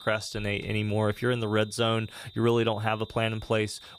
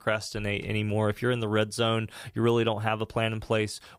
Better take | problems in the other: second | high-pitched whine; faint; throughout; 3.5 kHz, 20 dB below the speech

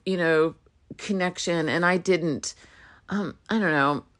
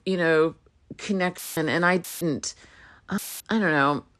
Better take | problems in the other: first | audio cutting out; filled with static; at 1.5 s, at 2 s and at 3 s

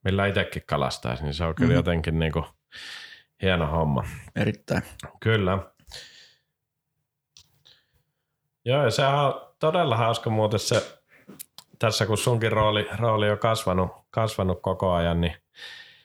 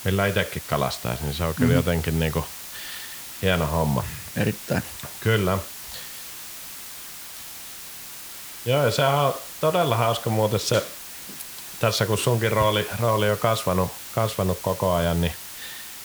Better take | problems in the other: first | hiss; noticeable; throughout; 10 dB below the speech

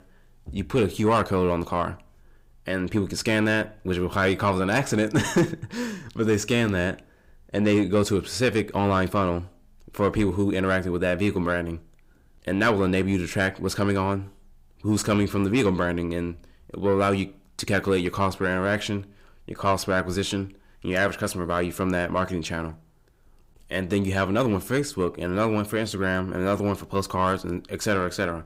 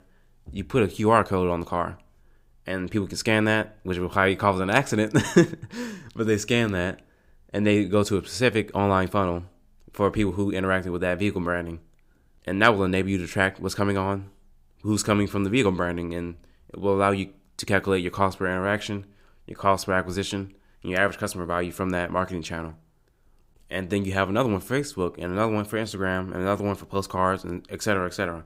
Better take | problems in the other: second | distortion; slight; 10 dB below the speech

